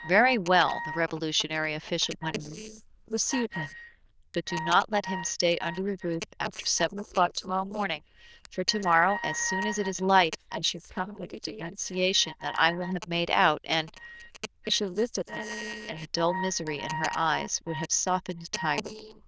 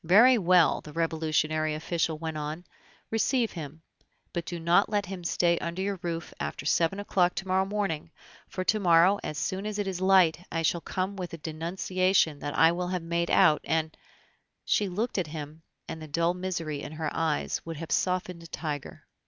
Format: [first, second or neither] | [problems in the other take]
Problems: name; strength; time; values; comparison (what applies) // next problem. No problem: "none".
second | noise reduction (neural diffusion model UNIVERSE++)